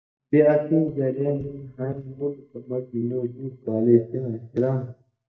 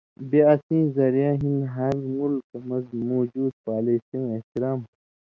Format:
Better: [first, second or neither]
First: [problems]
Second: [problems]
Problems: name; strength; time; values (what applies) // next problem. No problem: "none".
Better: second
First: noise reduction (neural mask model DeepFilterNet 3)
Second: none